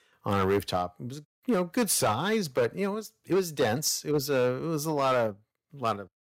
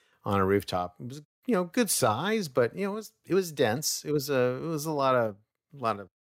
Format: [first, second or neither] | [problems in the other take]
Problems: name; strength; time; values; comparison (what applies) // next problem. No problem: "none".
second | distortion; slight; 5% of the sound clipped